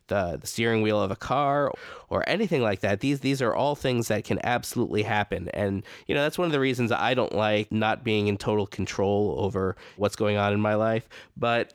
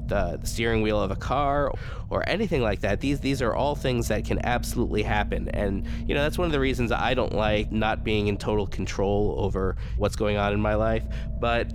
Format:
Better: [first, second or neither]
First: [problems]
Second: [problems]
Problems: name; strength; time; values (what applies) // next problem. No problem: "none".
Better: first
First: none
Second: low rumble; faint; throughout; 20 dB below the speech